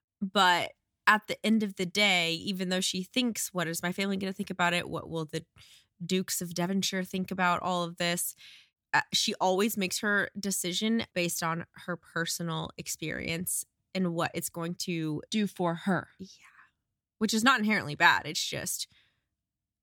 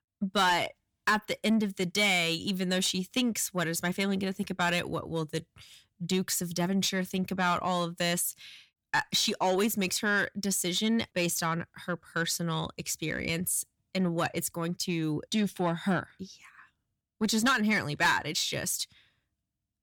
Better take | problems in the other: first | distortion; slight; 10 dB below the speech

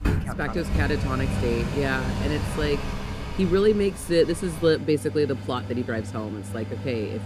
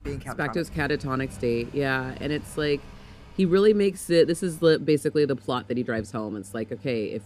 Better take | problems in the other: second | machinery noise; loud; throughout; 5 dB below the speech; faint in the second

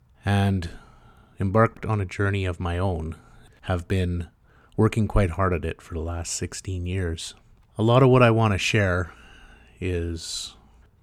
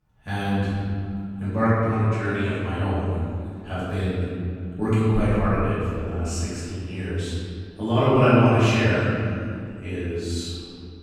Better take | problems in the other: first | room echo; strong; dies away in 2.4 s // off-mic speech; far

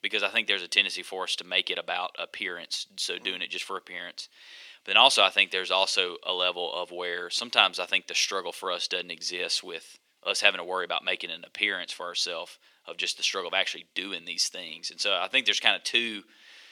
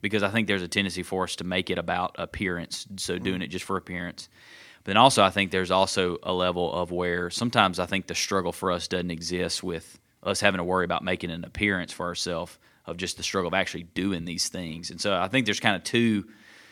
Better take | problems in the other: second | thin; somewhat; fading below 500 Hz

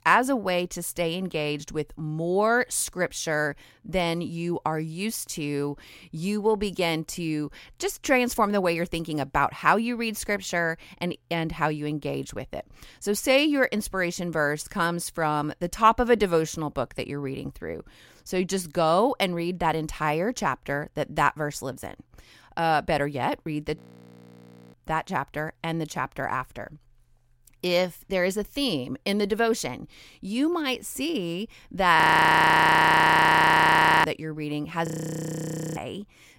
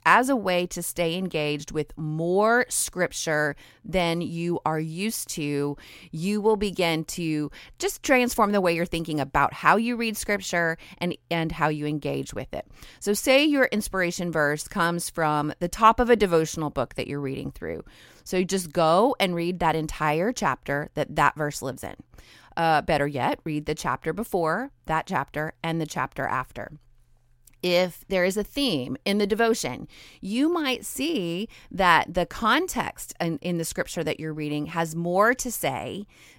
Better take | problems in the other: second | audio freezing; at 24 s for 1 s, at 32 s for 2 s and at 35 s for 1 s

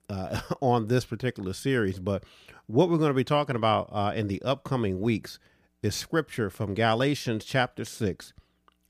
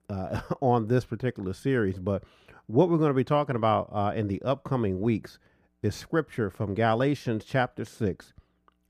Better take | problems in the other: first | muffled; slightly; fading above 2 kHz

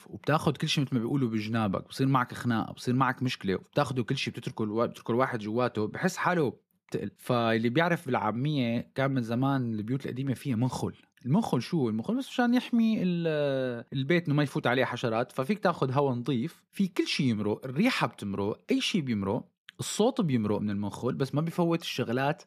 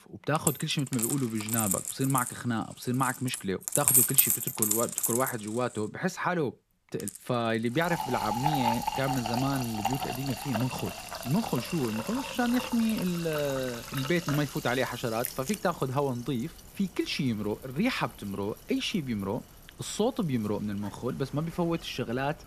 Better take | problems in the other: first | household noises; very loud; throughout; as loud as the speech

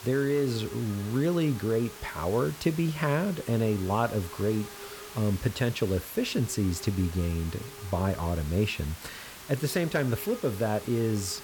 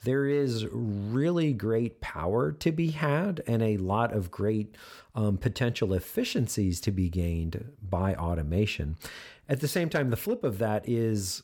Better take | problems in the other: second | hiss; noticeable; throughout; 15 dB below the speech

